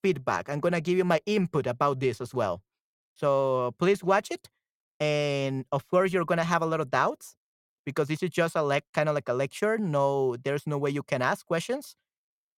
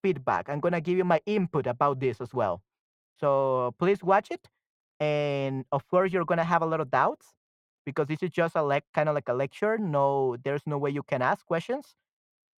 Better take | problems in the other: first | muffled; slightly; fading above 4 kHz

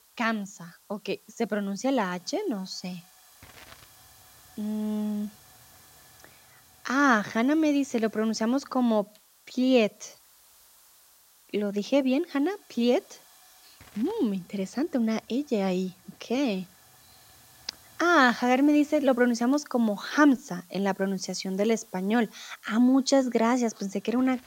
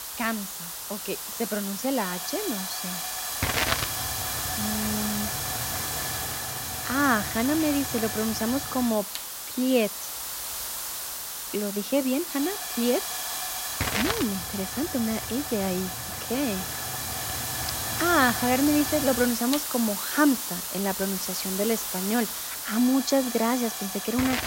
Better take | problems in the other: first | hiss; loud; throughout; 2 dB below the speech; faint in the first

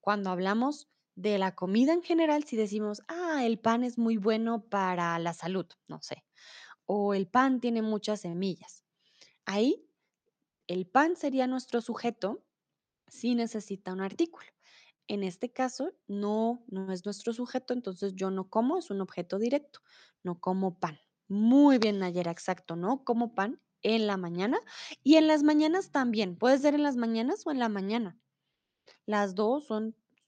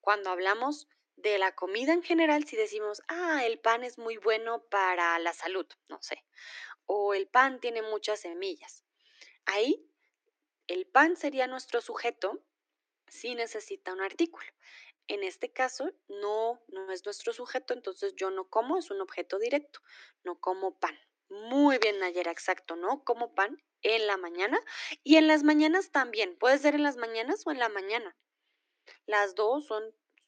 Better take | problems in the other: first | thin; somewhat; fading below 300 Hz

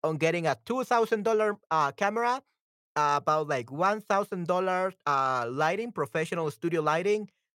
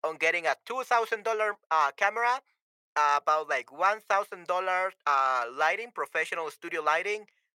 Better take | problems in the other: first | thin; very; fading below 650 Hz

